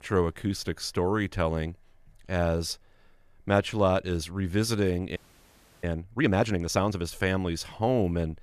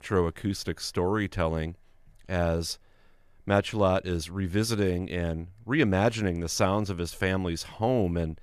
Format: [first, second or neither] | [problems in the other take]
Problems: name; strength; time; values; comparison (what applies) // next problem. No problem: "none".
second | audio freezing; at 5 s for 0.5 s